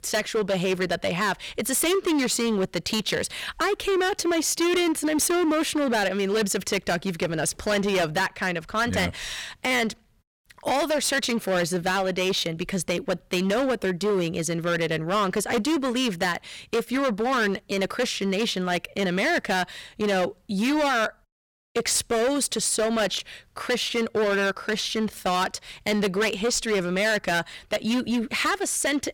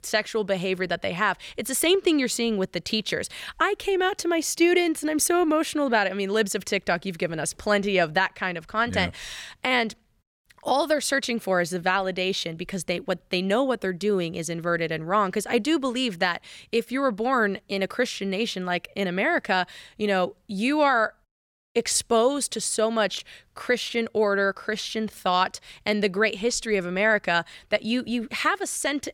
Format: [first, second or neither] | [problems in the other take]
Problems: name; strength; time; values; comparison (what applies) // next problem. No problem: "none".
second | distortion; heavy; 18% of the sound clipped